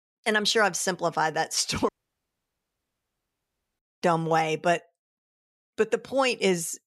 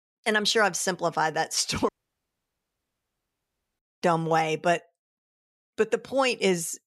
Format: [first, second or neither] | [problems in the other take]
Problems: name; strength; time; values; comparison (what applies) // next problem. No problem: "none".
neither | audio cutting out; at 2 s for 2 s; the same in both